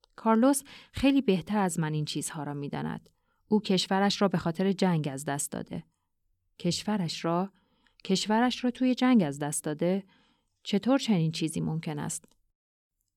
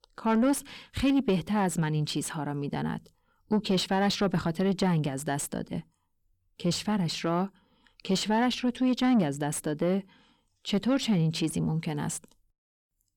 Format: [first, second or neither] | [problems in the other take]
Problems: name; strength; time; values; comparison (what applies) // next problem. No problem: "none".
first | distortion; slight; 10 dB below the speech